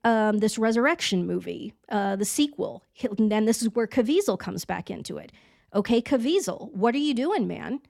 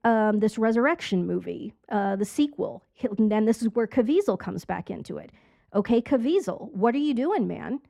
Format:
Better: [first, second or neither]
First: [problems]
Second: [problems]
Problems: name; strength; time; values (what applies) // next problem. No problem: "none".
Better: first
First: none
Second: muffled; slightly; fading above 2.5 kHz